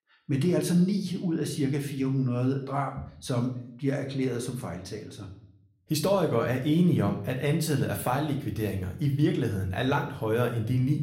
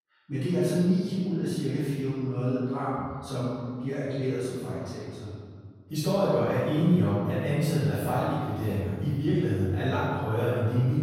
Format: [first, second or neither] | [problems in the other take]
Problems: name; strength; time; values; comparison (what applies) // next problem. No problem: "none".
first | room echo; strong; dies away in 1.8 s; slight in the first // off-mic speech; far